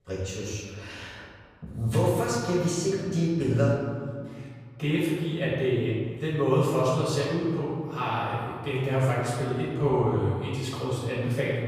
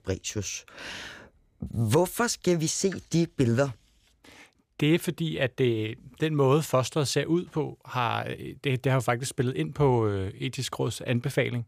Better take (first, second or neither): second